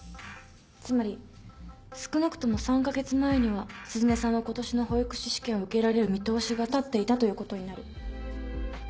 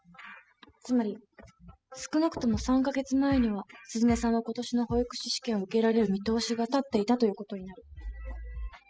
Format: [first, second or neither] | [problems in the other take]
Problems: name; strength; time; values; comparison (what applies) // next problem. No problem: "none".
first | noise reduction (classical method spectral subtraction)